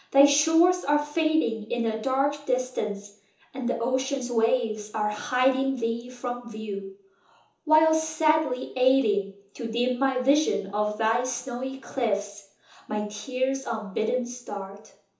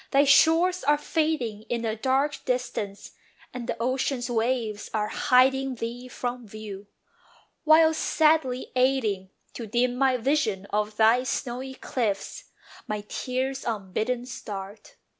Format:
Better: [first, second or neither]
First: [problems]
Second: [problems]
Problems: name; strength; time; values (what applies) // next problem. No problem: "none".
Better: second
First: room echo; dies away in 0.7 s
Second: none